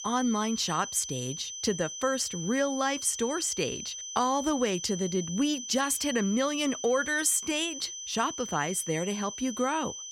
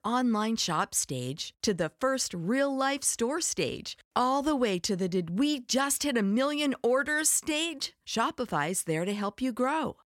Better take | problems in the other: second | high-pitched whine; loud; throughout; 6 kHz, 8 dB below the speech

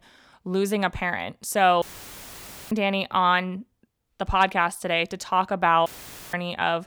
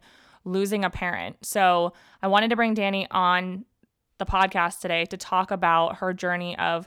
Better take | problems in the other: second | audio cutting out; filled with static; at 2 s for 1 s and at 6 s

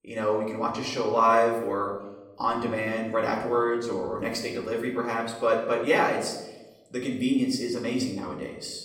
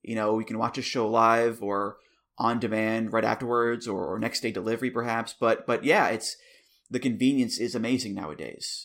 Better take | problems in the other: second | room echo; noticeable; dies away in 0.8 s // off-mic speech; far

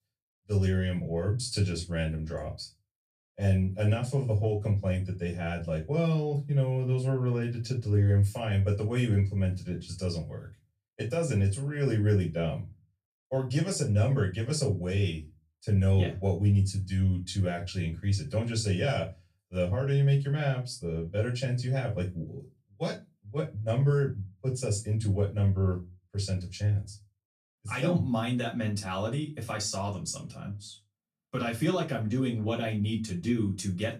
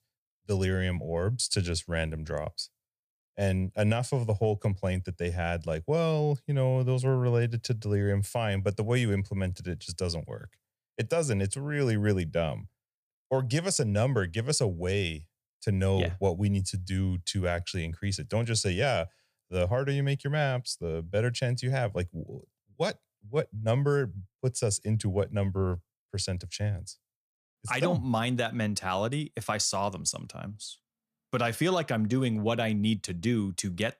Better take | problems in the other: second | off-mic speech; far // room echo; very slight; dies away in 0.2 s

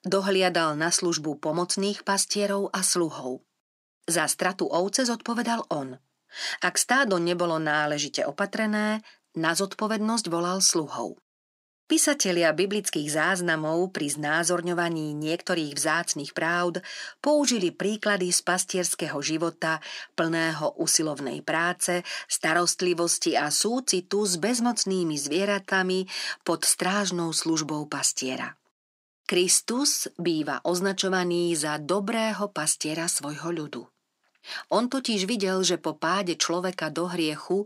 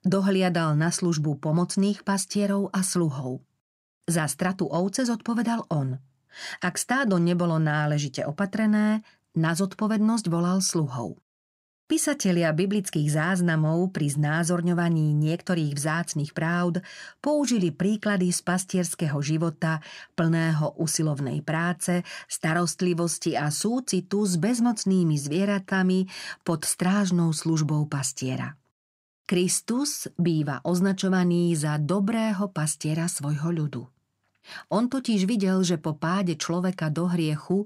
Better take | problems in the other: second | thin; somewhat; fading below 300 Hz

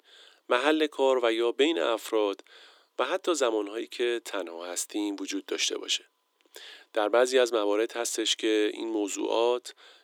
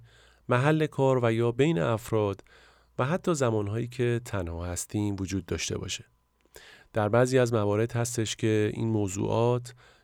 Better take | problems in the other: second | thin; somewhat; fading below 300 Hz

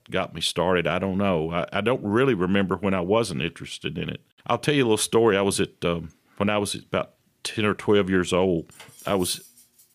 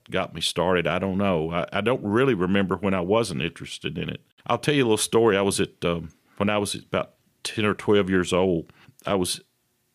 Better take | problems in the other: second | clattering dishes; faint; from 8.5 s on; peak 15 dB below the speech

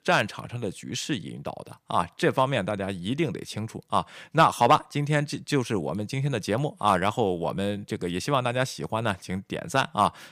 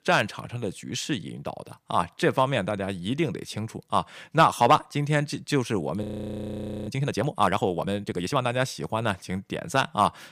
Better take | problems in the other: first | audio freezing; at 6 s for 1 s

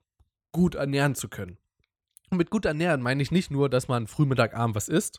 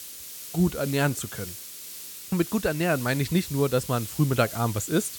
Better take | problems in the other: first | hiss; noticeable; throughout; 10 dB below the speech

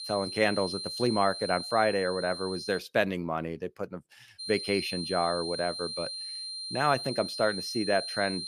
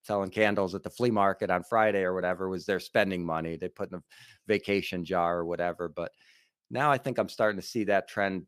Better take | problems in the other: second | high-pitched whine; loud; until 3 s and from 4.5 s on; 4 kHz, 6 dB below the speech

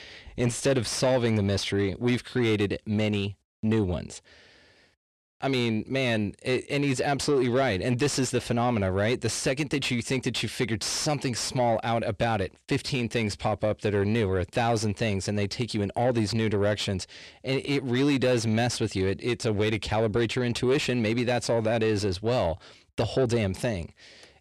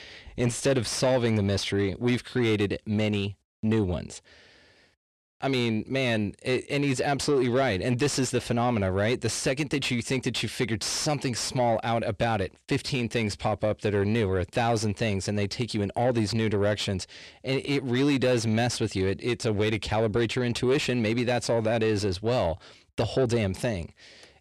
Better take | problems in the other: neither | distortion; slight; 10 dB below the speech; the same in both

